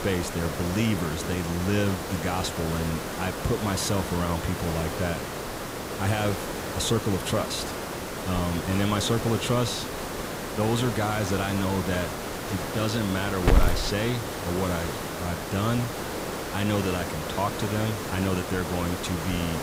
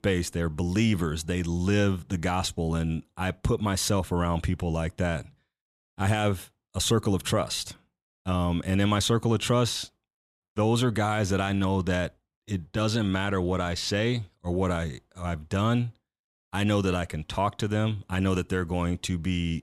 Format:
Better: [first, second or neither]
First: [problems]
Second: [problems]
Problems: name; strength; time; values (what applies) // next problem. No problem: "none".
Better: second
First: hiss; loud; throughout; 3 dB below the speech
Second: none